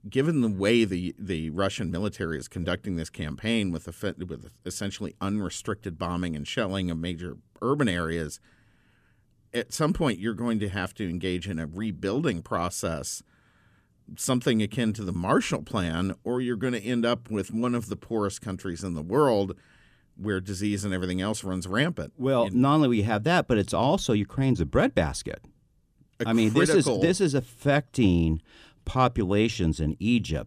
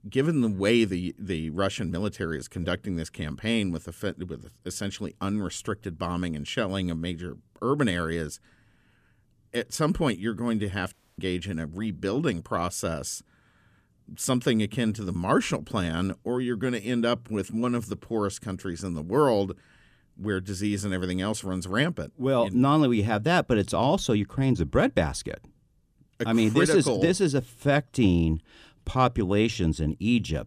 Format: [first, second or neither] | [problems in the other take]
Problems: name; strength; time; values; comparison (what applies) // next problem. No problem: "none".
first | audio cutting out; at 11 s